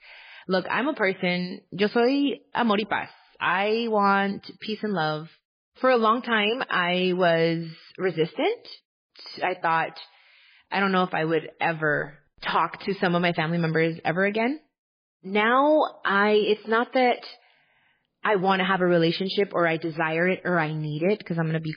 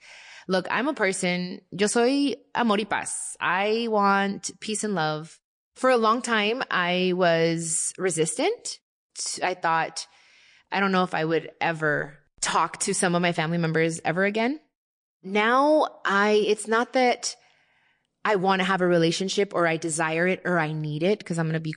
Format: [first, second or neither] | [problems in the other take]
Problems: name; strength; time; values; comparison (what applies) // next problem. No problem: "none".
second | garbled, watery; badly; nothing above 5 kHz; slightly in the second